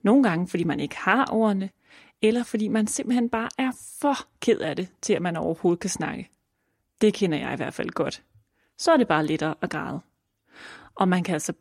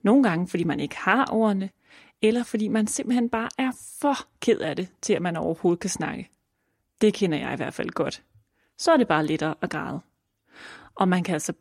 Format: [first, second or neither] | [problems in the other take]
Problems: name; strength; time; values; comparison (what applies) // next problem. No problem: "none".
neither | none